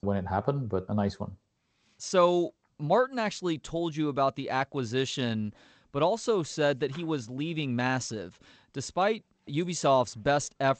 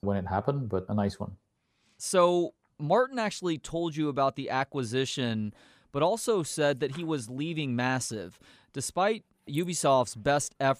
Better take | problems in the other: second | garbled, watery; slightly; nothing above 8 kHz

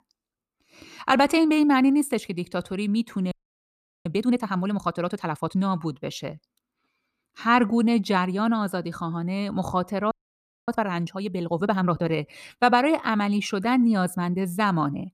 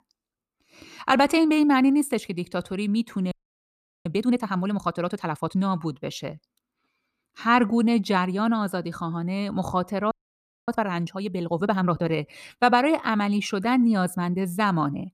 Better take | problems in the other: neither | audio freezing; at 3.5 s for 0.5 s and at 10 s for 0.5 s; the same in both

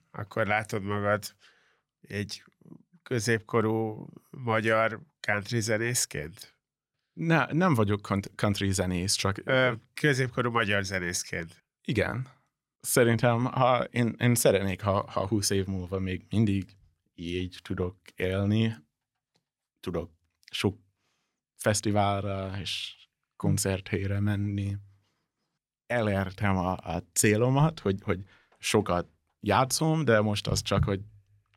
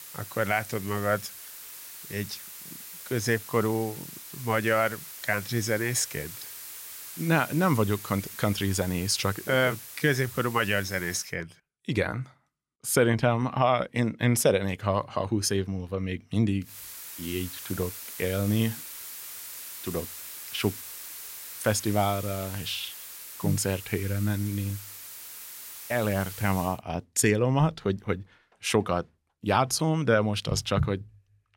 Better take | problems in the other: first | hiss; noticeable; until 11 s and from 17 to 27 s; 10 dB below the speech

